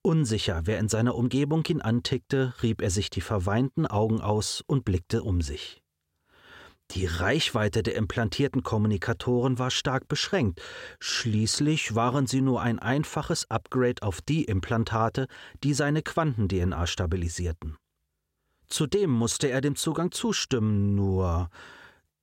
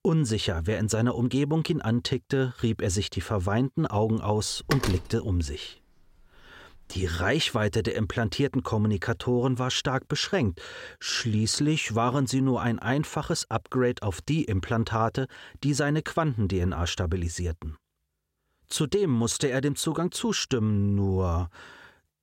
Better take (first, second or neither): first